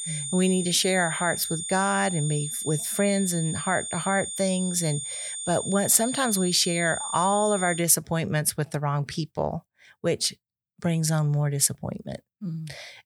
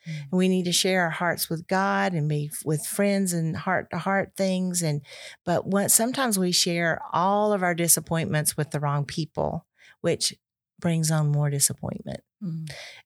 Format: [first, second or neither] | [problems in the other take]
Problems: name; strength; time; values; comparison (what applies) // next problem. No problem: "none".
second | high-pitched whine; loud; until 8 s; 9 kHz, 6 dB below the speech